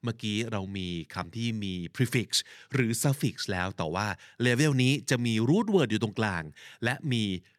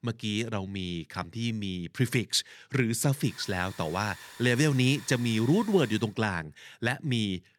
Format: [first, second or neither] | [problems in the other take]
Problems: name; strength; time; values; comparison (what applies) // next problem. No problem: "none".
first | hiss; noticeable; from 3.5 to 6 s; 20 dB below the speech